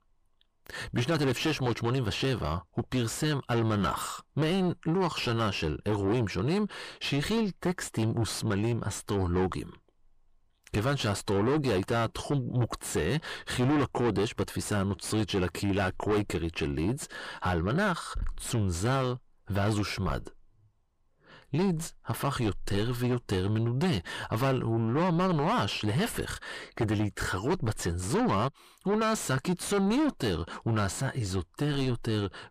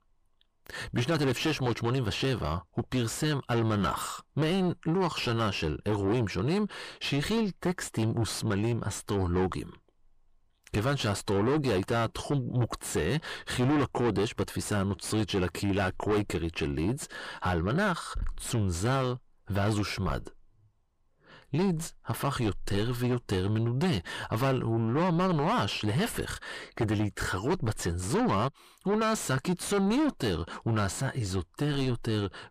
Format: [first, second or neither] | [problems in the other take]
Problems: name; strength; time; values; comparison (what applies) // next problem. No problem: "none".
neither | distortion; heavy; 6 dB below the speech; the same in both